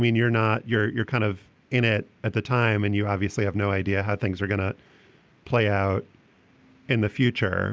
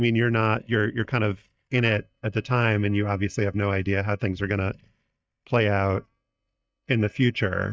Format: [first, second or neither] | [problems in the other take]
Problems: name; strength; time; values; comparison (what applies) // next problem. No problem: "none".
first | noise reduction (neural mask model DeepFilterNet 3)